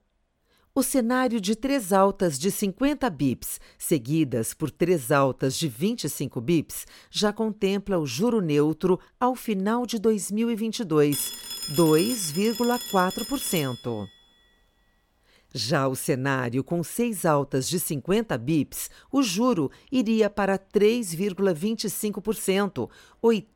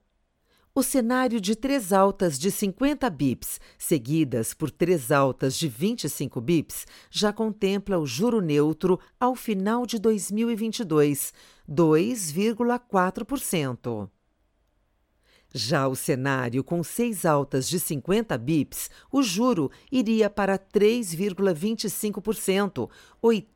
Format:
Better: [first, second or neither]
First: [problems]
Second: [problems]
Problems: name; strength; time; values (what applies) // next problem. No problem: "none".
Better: second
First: phone ringing; noticeable; from 11 to 14 s; peak 4 dB below the speech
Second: none